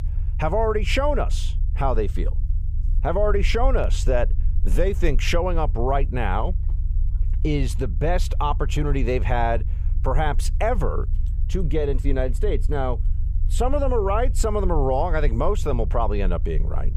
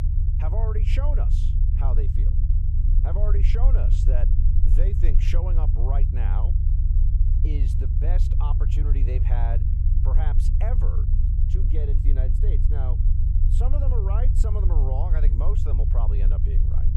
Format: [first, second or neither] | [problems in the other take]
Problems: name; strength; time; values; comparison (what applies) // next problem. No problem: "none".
first | low rumble; loud; throughout; 3 dB below the speech; faint in the first